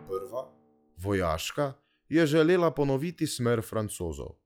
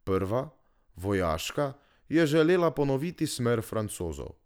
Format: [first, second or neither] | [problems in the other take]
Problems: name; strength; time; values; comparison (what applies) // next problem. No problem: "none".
second | noise reduction (classical method log-MMSE)